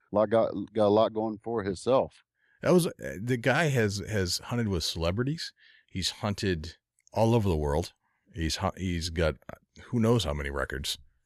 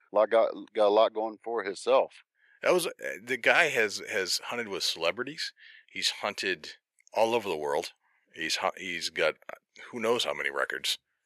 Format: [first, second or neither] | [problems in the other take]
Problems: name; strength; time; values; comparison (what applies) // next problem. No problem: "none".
first | thin; very; fading below 500 Hz